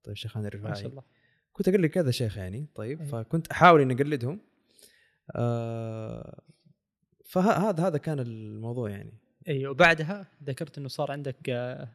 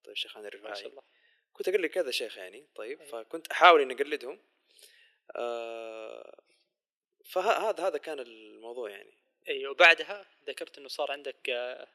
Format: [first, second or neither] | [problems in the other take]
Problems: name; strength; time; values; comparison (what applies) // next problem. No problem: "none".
first | thin; very; fading below 350 Hz